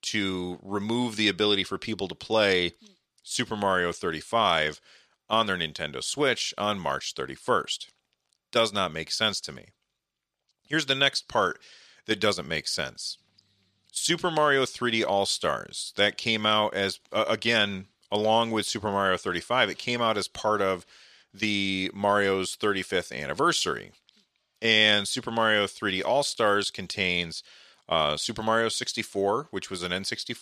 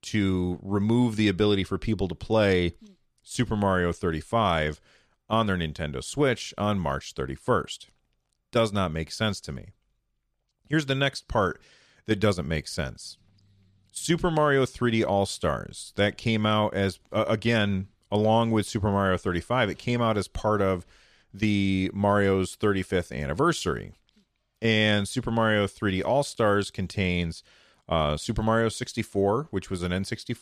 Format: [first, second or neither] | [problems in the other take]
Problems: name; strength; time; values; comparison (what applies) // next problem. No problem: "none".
second | thin; somewhat; fading below 950 Hz